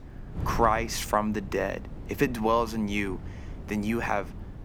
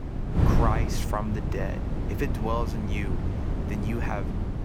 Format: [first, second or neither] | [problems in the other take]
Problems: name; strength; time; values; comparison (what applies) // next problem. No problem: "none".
first | wind noise on the microphone; heavy; 4 dB below the speech; occasional gusts in the first